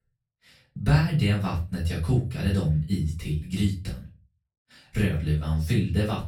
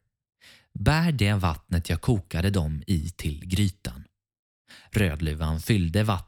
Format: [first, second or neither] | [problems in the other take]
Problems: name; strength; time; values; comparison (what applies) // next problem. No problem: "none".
second | off-mic speech; far // room echo; slight; dies away in 0.3 s